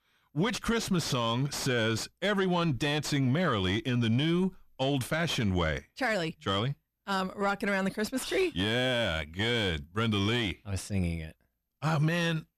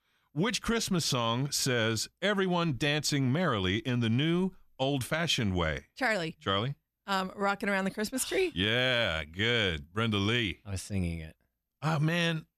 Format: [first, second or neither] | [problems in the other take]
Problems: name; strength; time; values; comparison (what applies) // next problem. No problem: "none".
second | distortion; slight; 10 dB below the speech